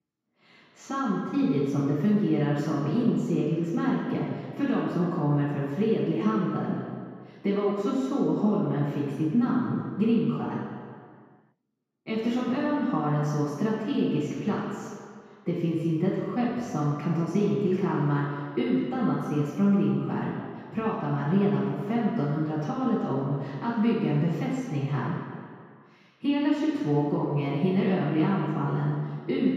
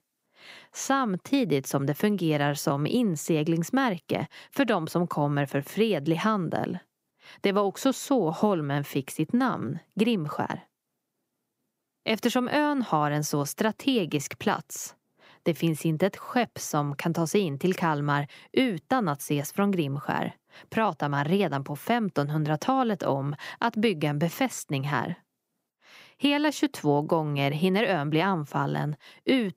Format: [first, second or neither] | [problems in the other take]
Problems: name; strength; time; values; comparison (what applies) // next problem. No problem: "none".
second | room echo; strong; dies away in 2 s // off-mic speech; far